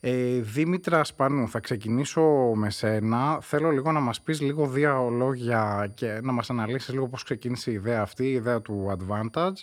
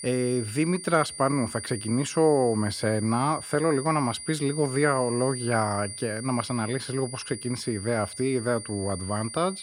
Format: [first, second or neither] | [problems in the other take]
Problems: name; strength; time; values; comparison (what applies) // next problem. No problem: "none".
first | high-pitched whine; loud; throughout; 9.5 kHz, 10 dB below the speech; faint in the first